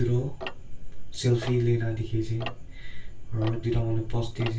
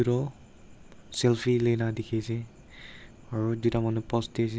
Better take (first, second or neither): second